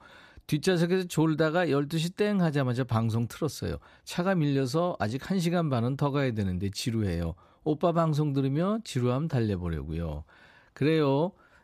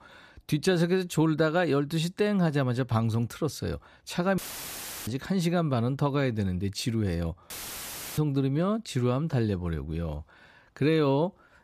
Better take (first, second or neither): first